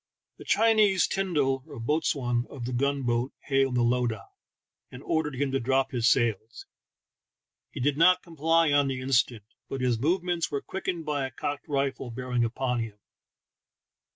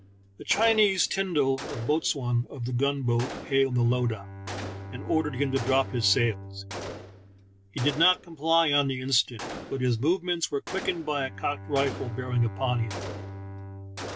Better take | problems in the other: first | background sound (Gunshot, gunfire + Bowed string instrument); 11 dB below the speech

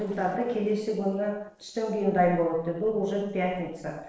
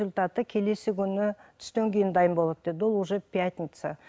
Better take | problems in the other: second | noise reduction (neural separator model SepFormer DNS4)

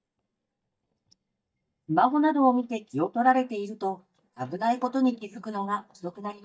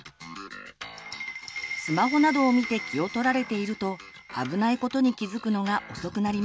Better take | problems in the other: second | noise reduction (neural mask model DeepFilterNet 3)

